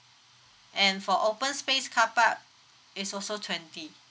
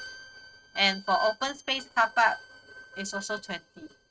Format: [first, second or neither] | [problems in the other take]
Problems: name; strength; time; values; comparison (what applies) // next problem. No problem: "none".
first | noise reduction (neural mask model RNNoise)